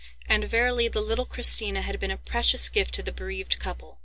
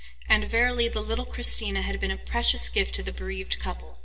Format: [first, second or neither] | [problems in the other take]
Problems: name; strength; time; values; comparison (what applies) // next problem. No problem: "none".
first | room echo; dies away in 1.3 s